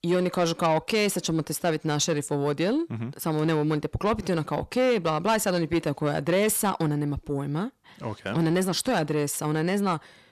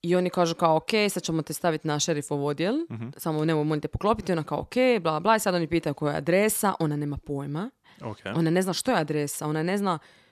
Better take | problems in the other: second | distortion; slight; 10 dB below the speech

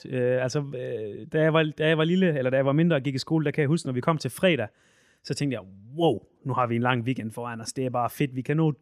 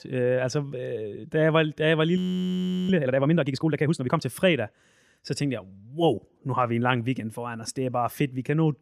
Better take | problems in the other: first | audio freezing; at 2 s for 0.5 s

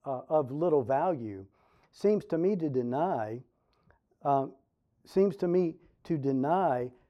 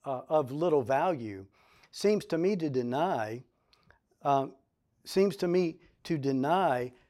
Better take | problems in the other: second | muffled; slightly; fading above 1.5 kHz

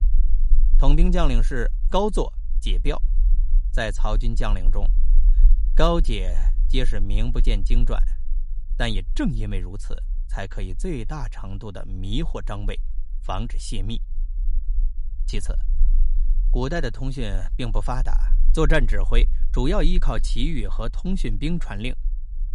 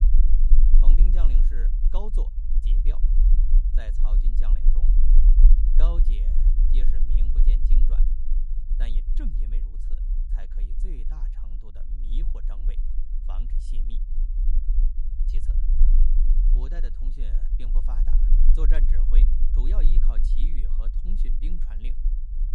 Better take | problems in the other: first | low rumble; loud; throughout; 3 dB below the speech; faint in the first

